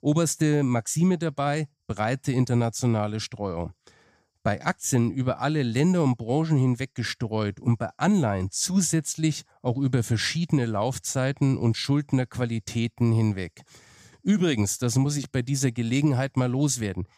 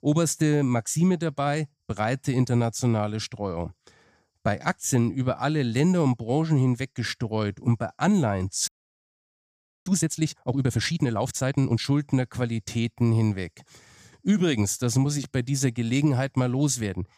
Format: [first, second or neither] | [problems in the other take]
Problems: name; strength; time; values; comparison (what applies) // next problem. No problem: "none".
first | audio freezing; at 8.5 s for 1 s